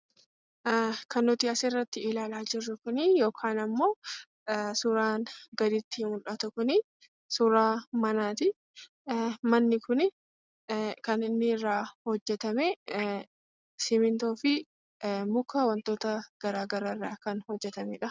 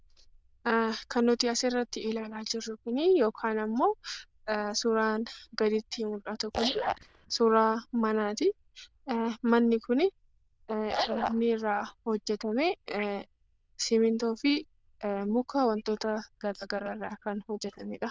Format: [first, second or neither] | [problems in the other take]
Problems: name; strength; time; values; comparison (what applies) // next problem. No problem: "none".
first | noise reduction (neural diffusion model UNIVERSE++)